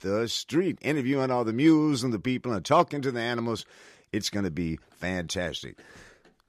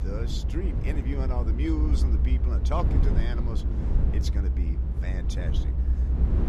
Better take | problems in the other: first | low rumble; loud; throughout; 4 dB below the speech

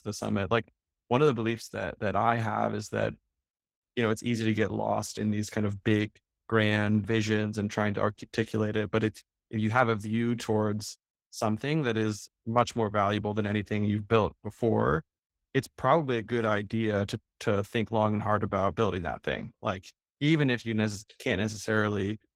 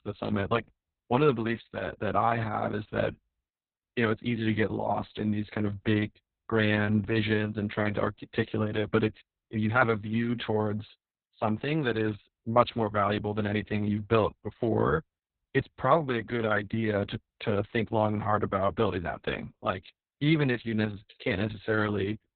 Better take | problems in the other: first | garbled, watery; badly; nothing above 4 kHz; slightly in the first

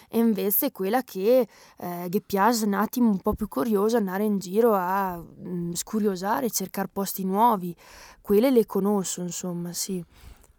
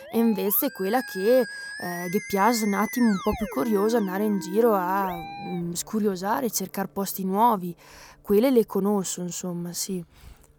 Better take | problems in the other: first | background music; noticeable; throughout; 10 dB below the speech

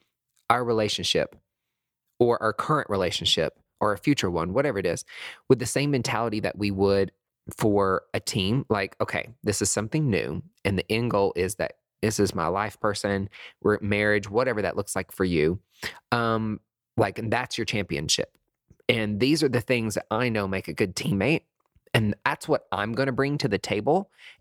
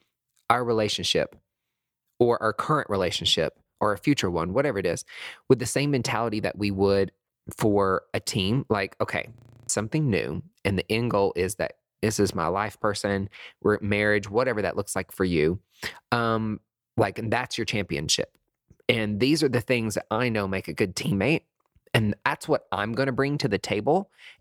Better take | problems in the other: first | audio freezing; at 9.5 s

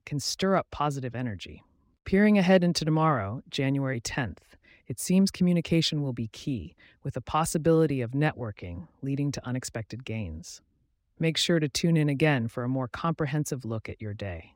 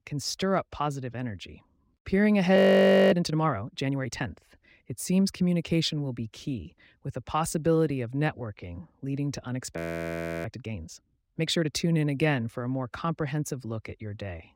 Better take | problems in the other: first | audio freezing; at 2.5 s for 0.5 s and at 10 s for 0.5 s

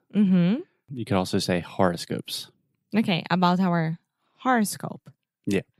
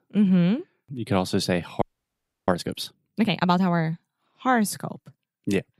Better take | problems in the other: first | audio freezing; at 2 s for 0.5 s

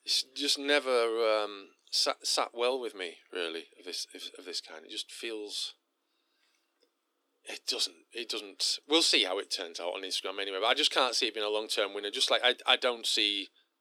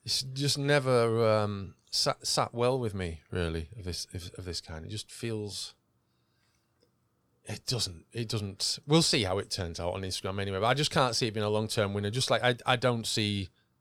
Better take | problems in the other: second | thin; somewhat; fading below 300 Hz

